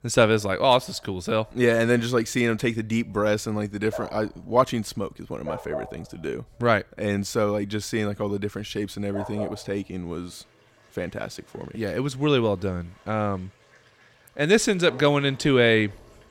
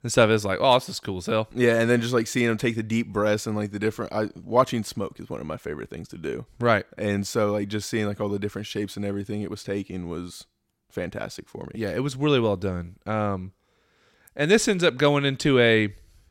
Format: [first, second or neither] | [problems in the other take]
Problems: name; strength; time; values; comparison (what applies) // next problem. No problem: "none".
second | animal sounds; noticeable; throughout; 15 dB below the speech